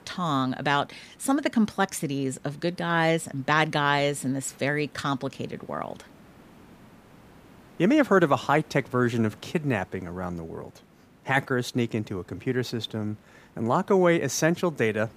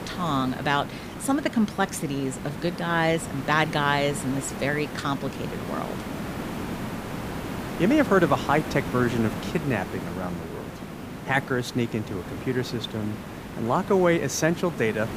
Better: first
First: hiss; faint; throughout; 30 dB below the speech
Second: hiss; loud; throughout; 9 dB below the speech

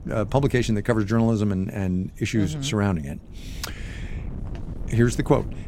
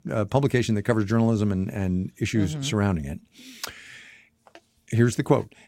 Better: second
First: wind noise on the microphone; occasional gusts; 20 dB below the speech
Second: none

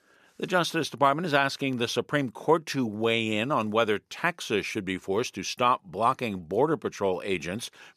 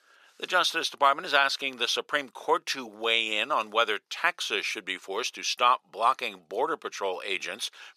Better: first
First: none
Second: thin; very; fading below 550 Hz

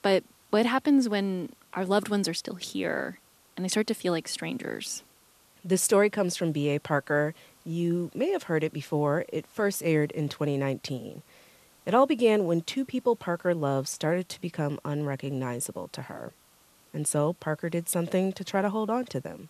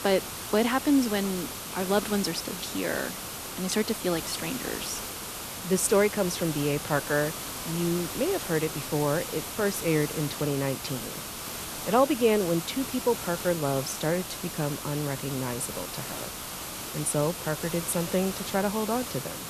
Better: first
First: hiss; faint; throughout; 30 dB below the speech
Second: hiss; loud; throughout; 6 dB below the speech

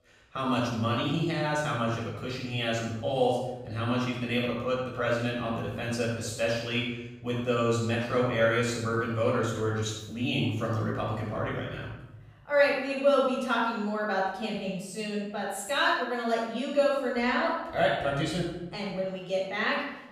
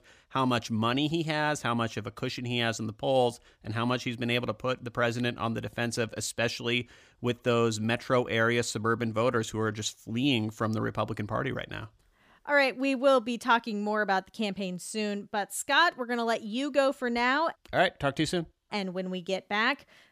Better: second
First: off-mic speech; far // room echo; noticeable; dies away in 0.9 s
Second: none

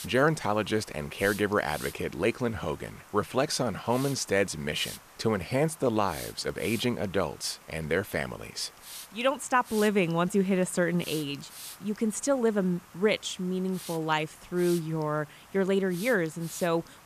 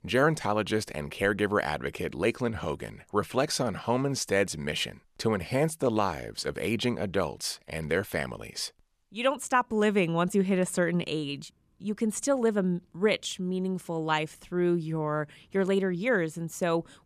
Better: second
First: hiss; noticeable; throughout; 15 dB below the speech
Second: none

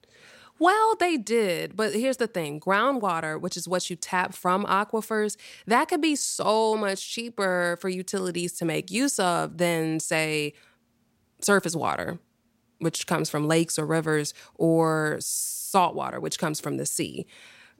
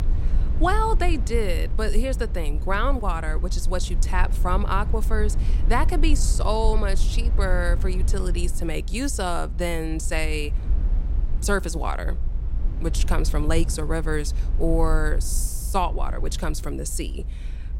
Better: first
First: none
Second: low rumble; noticeable; throughout; 15 dB below the speech

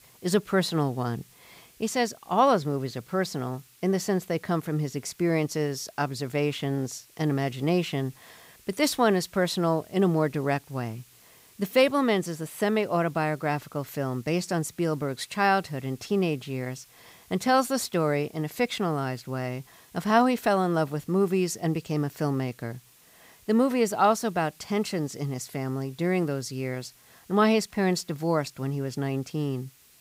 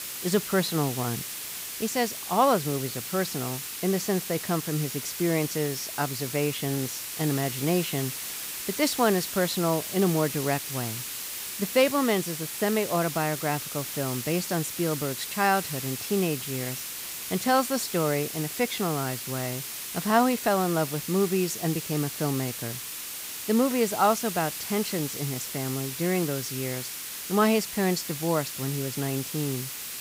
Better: first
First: hiss; faint; throughout; 25 dB below the speech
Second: hiss; loud; throughout; 5 dB below the speech

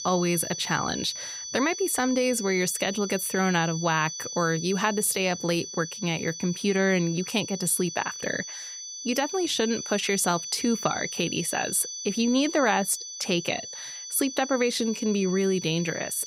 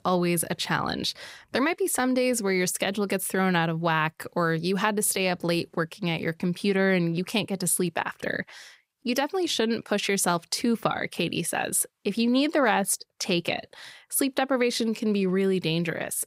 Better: second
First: high-pitched whine; loud; throughout; 6 kHz, 8 dB below the speech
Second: none

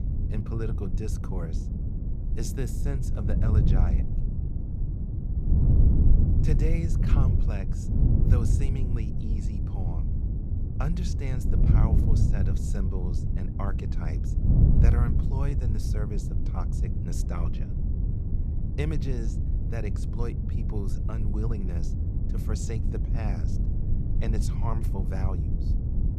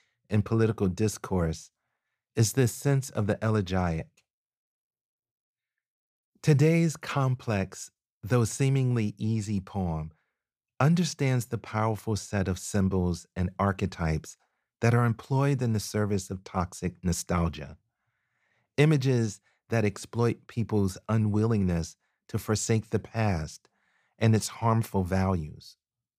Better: second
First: wind noise on the microphone; heavy; as loud as the speech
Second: none

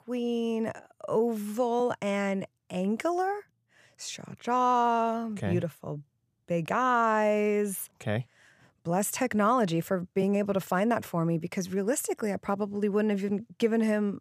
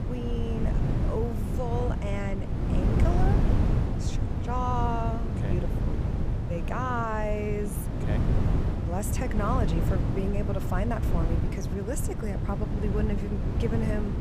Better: first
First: none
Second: wind noise on the microphone; heavy; 4 dB below the speech

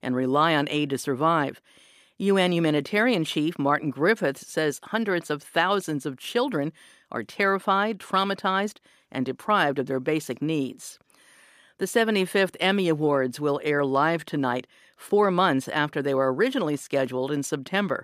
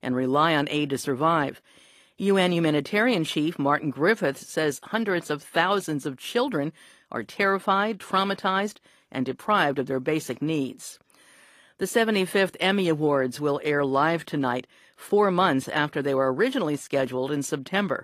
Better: first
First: none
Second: garbled, watery; slightly; nothing above 15 kHz

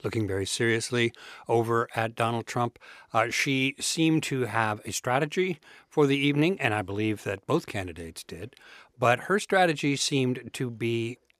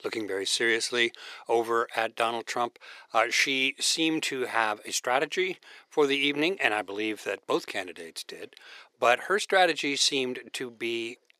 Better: first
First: none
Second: thin; somewhat; fading below 400 Hz

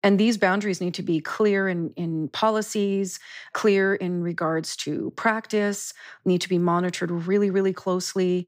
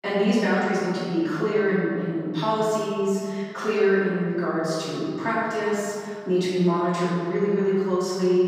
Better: first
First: none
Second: room echo; strong; dies away in 2.1 s // off-mic speech; far

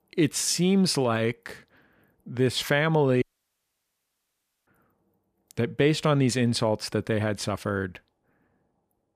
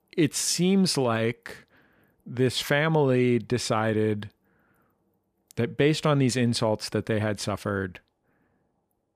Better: second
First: audio cutting out; at 3 s for 1.5 s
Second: none

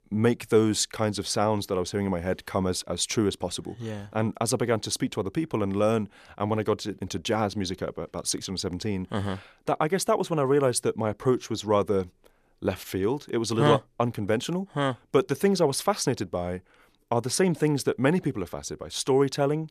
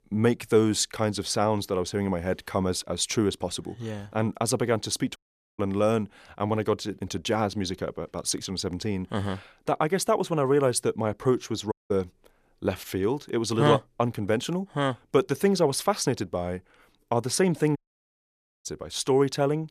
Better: first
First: none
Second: audio cutting out; at 5 s, at 12 s and at 18 s for 1 s

